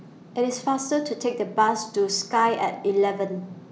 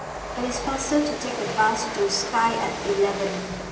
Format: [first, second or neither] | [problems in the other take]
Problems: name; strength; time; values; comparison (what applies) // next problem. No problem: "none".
first | background sound (Train); 7 dB below the speech // room echo; dies away in 2.2 s